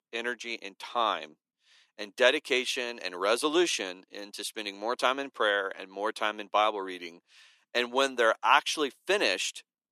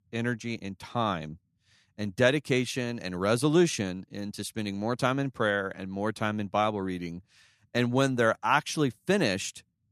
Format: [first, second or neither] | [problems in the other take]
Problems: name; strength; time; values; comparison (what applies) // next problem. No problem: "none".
second | thin; somewhat; fading below 350 Hz